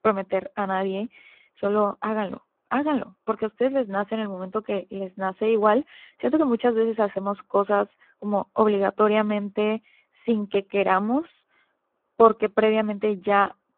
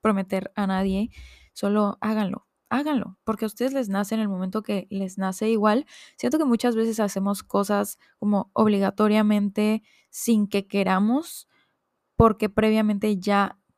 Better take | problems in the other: second | phone-call audio; poor line

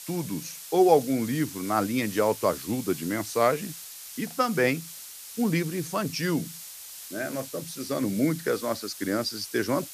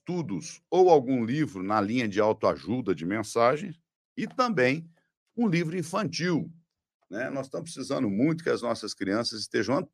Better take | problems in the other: second | hiss; noticeable; throughout; 10 dB below the speech

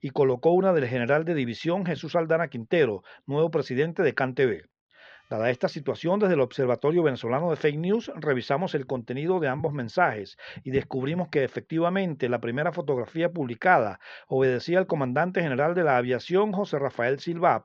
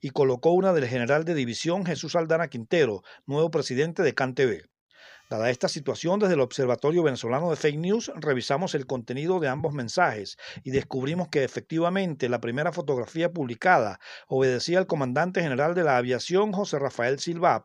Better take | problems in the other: second | muffled; slightly; fading above 3.5 kHz

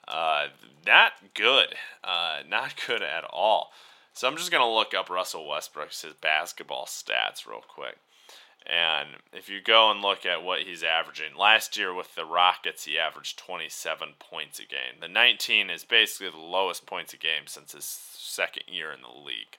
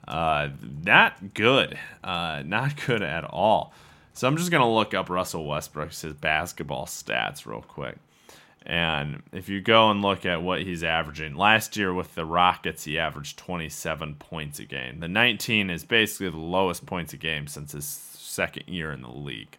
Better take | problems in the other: second | thin; very; fading below 600 Hz

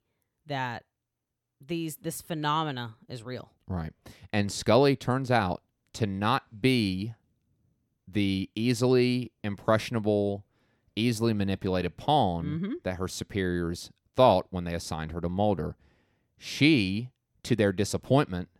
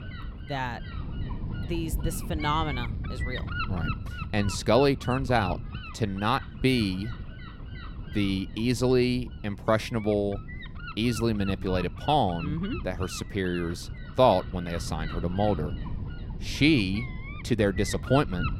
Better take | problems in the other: first | wind noise on the microphone; occasional gusts; 10 dB below the speech

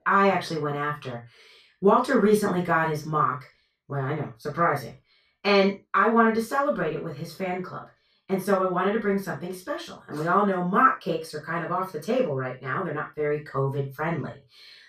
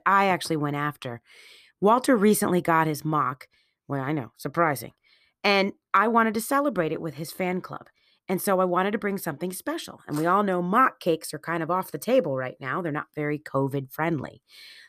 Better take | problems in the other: second | room echo; noticeable; dies away in 0.2 s // off-mic speech; far

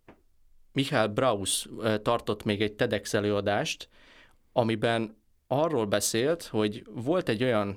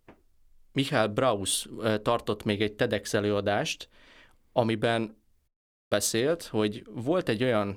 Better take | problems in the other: first | audio cutting out; at 5.5 s

